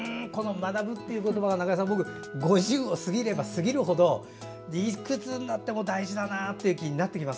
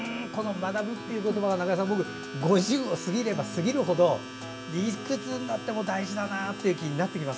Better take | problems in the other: first | background sound (Domestic sounds, home sounds); 13 dB below the speech

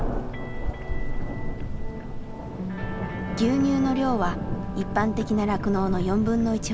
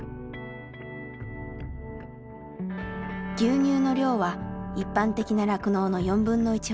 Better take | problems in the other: second | background sound (Thunder); 3 dB below the speech

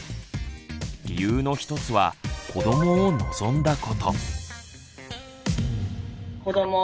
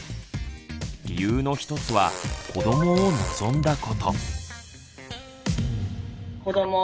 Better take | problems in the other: first | background sound (Fart); 11 dB below the speech

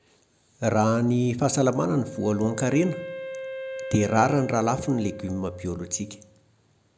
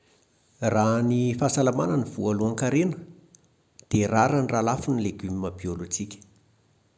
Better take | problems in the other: second | background sound (Wind instrument, woodwind instrument); 13 dB below the speech

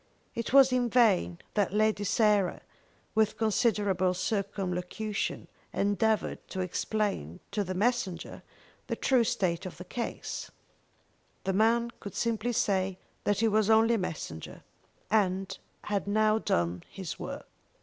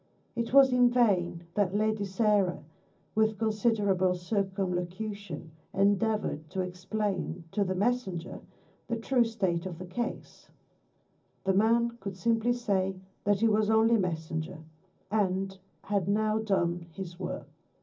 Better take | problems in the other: first | room echo; dies away in 0.4 s

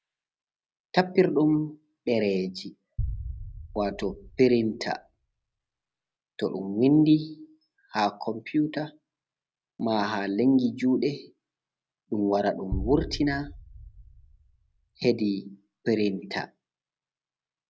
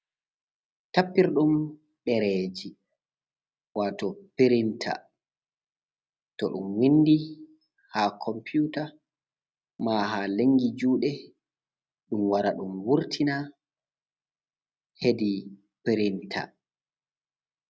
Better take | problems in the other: second | background sound (Boom); 10 dB below the speech

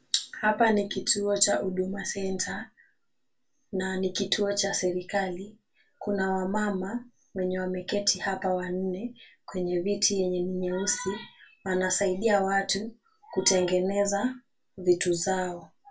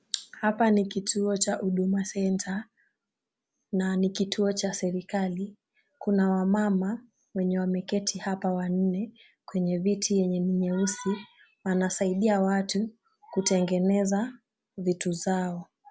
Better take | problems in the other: second | room echo; dies away in 0.2 s

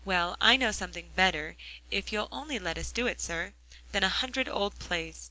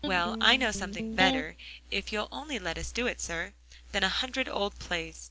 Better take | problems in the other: first | background sound (Electric guitar); 4 dB below the speech

